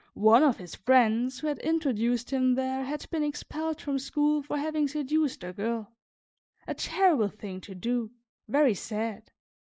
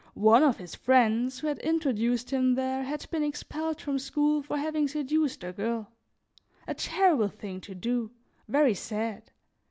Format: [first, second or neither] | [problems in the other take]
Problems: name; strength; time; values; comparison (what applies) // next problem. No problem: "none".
second | noise reduction (neural mask model Resemble Enhance denoiser)